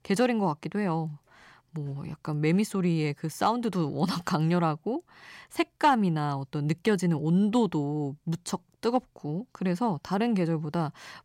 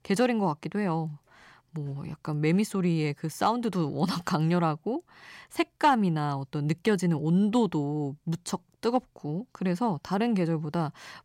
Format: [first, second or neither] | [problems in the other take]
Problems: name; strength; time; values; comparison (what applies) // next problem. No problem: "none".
neither | none